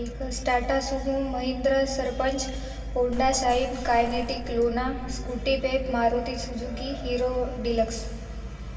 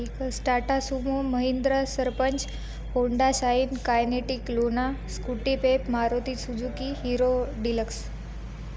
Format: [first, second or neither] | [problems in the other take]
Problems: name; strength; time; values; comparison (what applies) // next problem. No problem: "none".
second | background sound (Water / Splash, splatter); 12 dB below the speech // room echo; dies away in 2.3 s